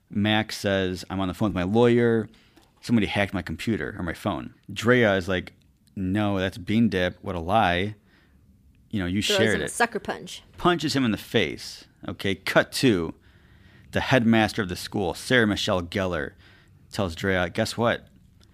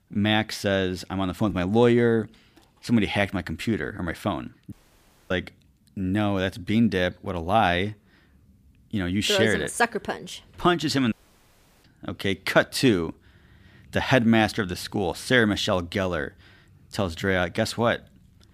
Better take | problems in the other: first | audio cutting out; at 4.5 s for 0.5 s and at 11 s for 0.5 s

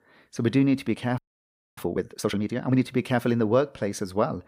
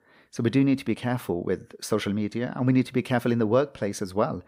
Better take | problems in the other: second | audio freezing; at 1 s for 0.5 s

